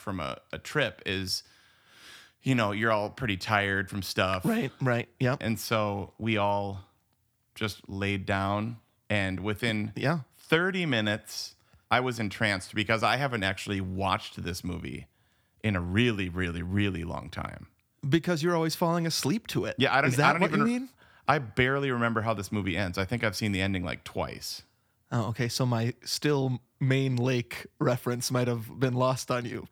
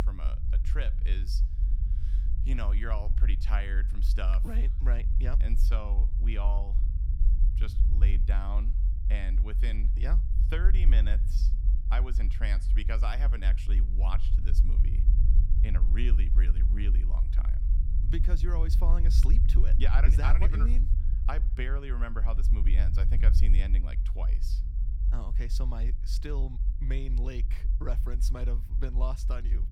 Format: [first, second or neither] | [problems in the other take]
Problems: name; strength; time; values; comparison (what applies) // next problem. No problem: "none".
first | low rumble; loud; throughout; 8 dB below the speech